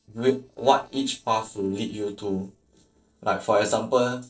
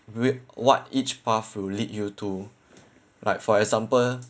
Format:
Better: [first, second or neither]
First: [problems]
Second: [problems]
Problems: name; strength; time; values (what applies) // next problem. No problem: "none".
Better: second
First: noise reduction (neural separator model SepFormer DNS4)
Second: none